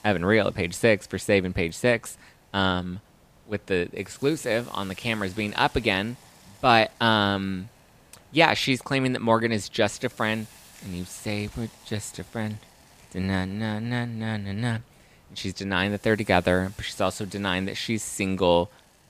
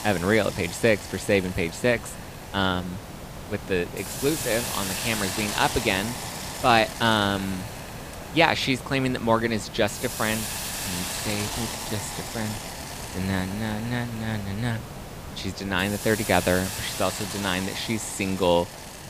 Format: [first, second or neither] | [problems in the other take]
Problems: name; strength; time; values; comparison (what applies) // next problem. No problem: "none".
first | hiss; loud; throughout; 7 dB below the speech; faint in the first